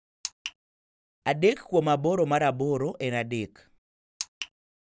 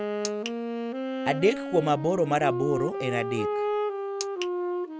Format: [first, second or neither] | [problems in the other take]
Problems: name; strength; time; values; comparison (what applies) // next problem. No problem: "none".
first | background sound (Wind instrument, woodwind instrument); 2 dB below the speech